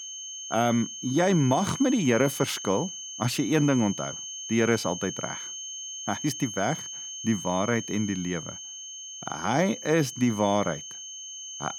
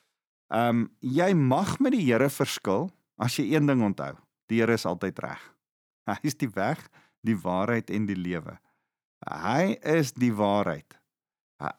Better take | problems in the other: second | high-pitched whine; loud; throughout; 6.5 kHz, 9 dB below the speech

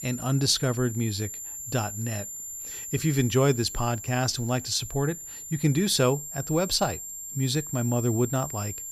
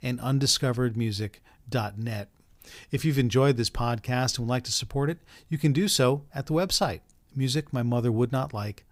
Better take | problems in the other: second | high-pitched whine; loud; throughout; 7.5 kHz, 9 dB below the speech

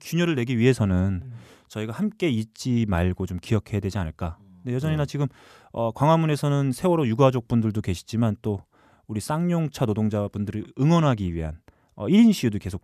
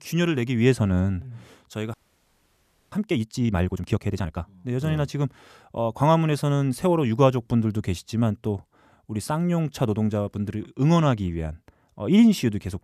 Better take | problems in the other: first | audio freezing; at 2 s for 1 s

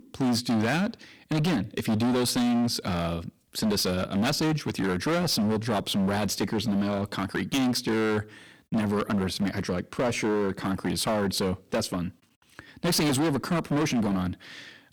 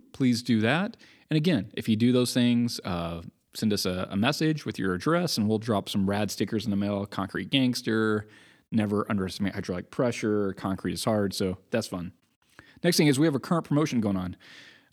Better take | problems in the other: second | distortion; heavy; 20% of the sound clipped

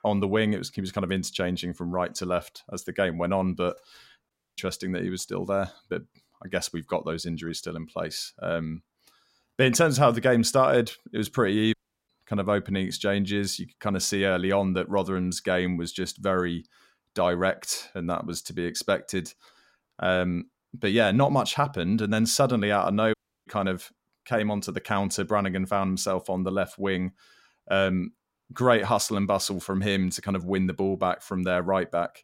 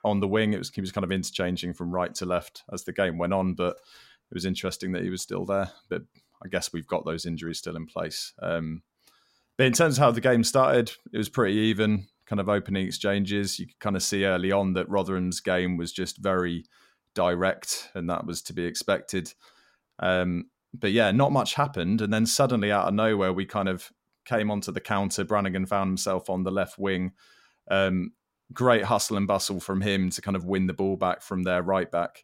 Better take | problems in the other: second | audio cutting out; at 4.5 s, at 12 s and at 23 s

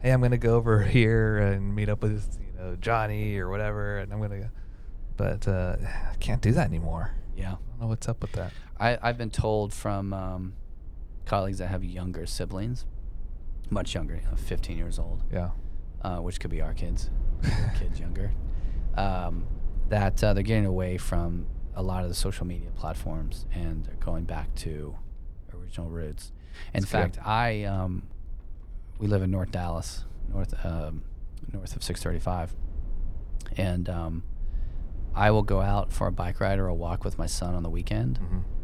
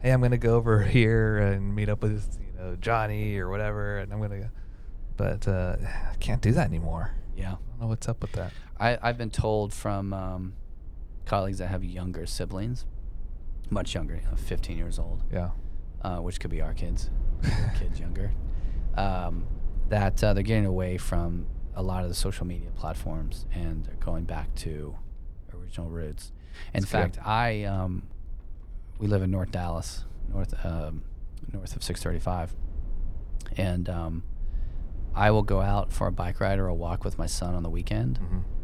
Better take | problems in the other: neither | low rumble; faint; throughout; 25 dB below the speech; the same in both

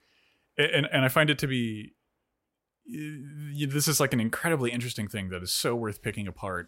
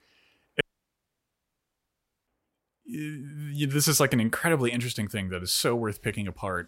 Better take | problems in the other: first | audio cutting out; at 0.5 s for 1.5 s

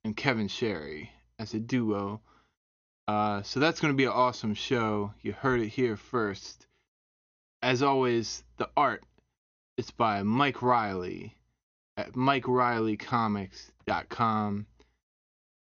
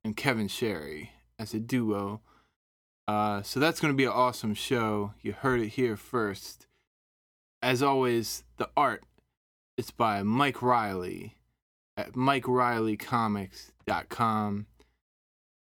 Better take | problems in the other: second | garbled, watery; slightly; nothing above 6.5 kHz

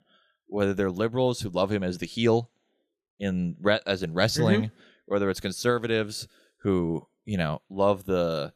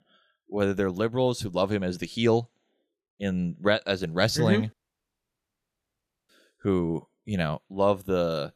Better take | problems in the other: first | audio cutting out; at 4.5 s for 1.5 s

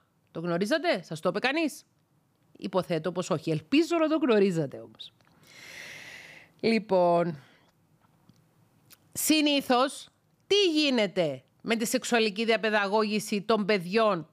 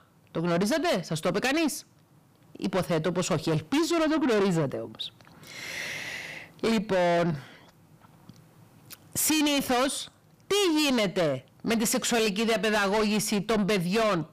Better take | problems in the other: first | distortion; heavy; 6 dB below the speech

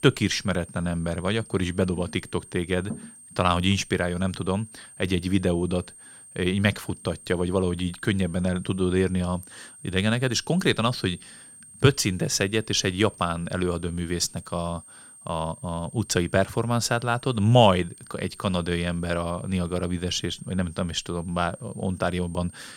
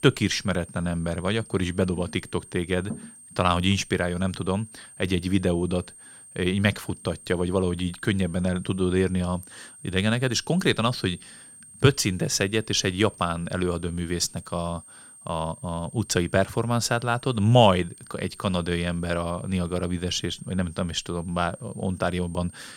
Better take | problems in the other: neither | high-pitched whine; noticeable; throughout; 8.5 kHz, 20 dB below the speech; the same in both

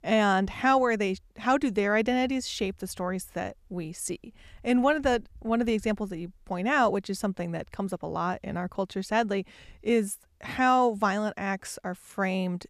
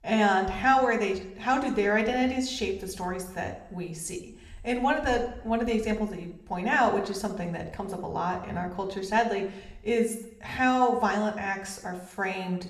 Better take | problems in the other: first | room echo; slight; dies away in 0.6 s

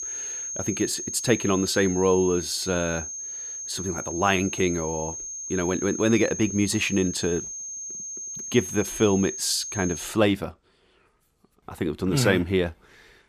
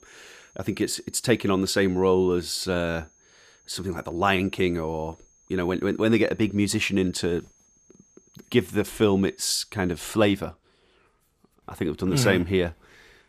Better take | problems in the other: second | high-pitched whine; loud; until 10 s; 6.5 kHz, 7 dB below the speech; faint in the second

